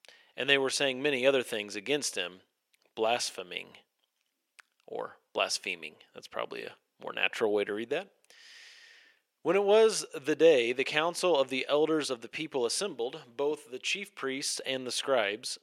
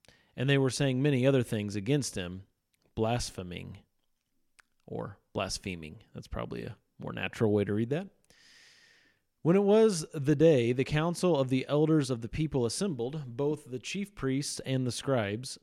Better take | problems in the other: second | thin; somewhat; fading below 550 Hz

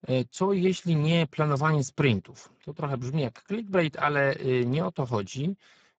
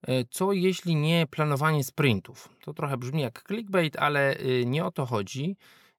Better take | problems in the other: second | garbled, watery; badly; nothing above 7.5 kHz

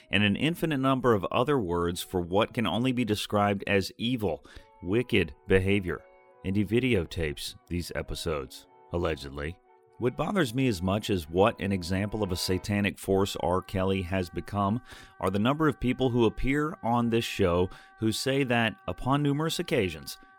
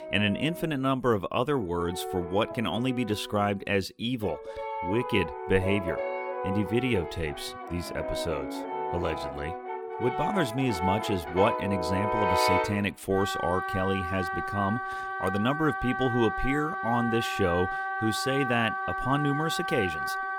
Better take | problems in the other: first | background music; loud; throughout; 3 dB below the speech; faint in the first

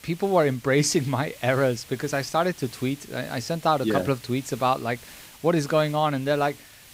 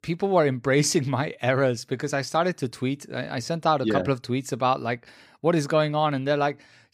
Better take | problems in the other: second | hiss; noticeable; throughout; 20 dB below the speech

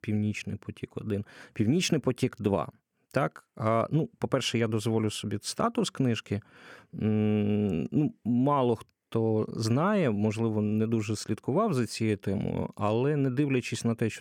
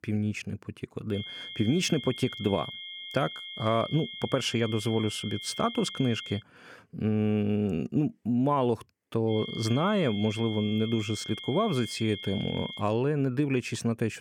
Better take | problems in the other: first | high-pitched whine; loud; from 1 to 6.5 s and from 9.5 to 13 s; 3 kHz, 9 dB below the speech

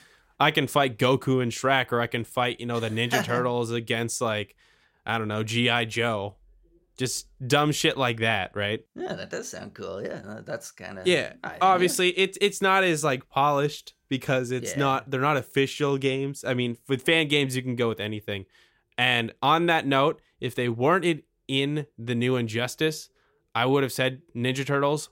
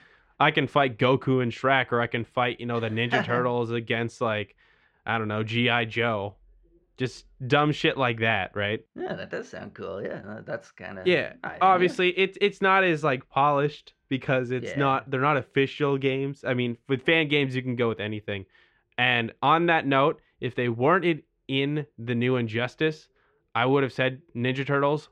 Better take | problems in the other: first | muffled; slightly; fading above 2.5 kHz

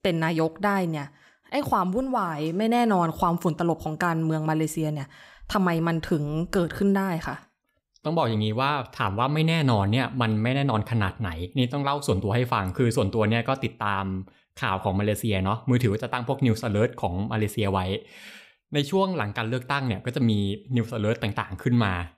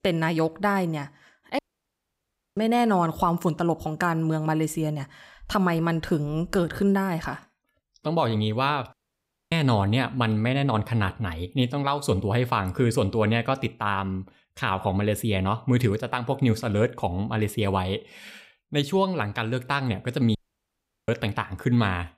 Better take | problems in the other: first | audio cutting out; at 1.5 s for 1 s, at 9 s for 0.5 s and at 20 s for 0.5 s

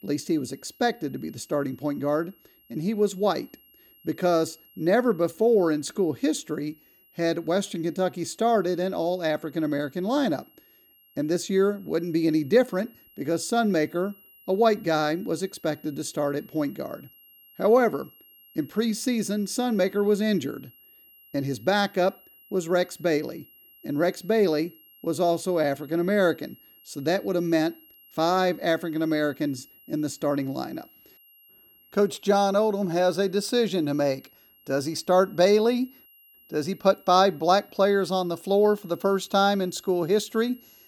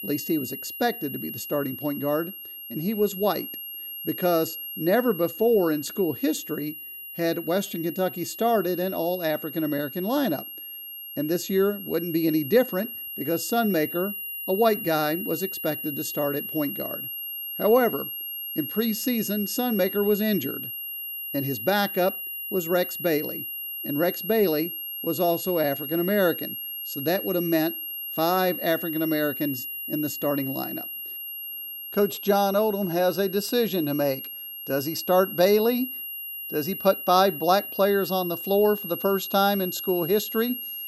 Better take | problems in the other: first | high-pitched whine; loud; throughout; 11.5 kHz, 7 dB below the speech; faint in the first

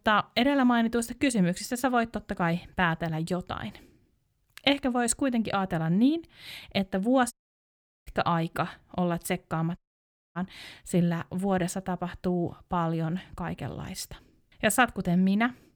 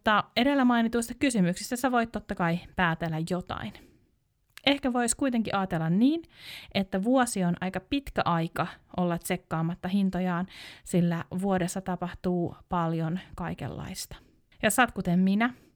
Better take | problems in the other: second | audio cutting out; at 7.5 s for 0.5 s and at 10 s for 0.5 s

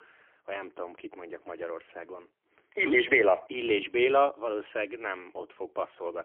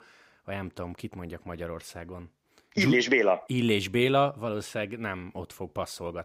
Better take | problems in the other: second | phone-call audio; poor line; nothing above 3.5 kHz

